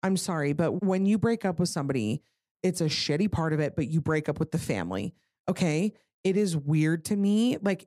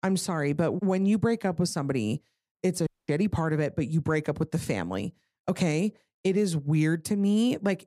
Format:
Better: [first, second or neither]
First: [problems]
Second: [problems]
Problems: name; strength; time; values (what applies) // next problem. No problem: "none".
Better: first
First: none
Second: audio cutting out; at 3 s